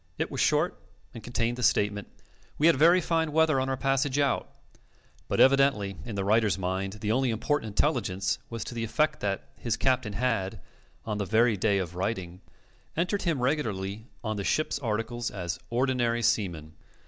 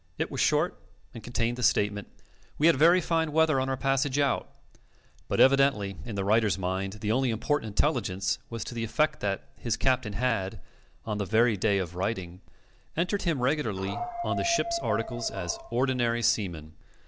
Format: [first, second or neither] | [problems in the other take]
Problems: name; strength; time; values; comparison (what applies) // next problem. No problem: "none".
first | background sound (Dog); 8 dB below the speech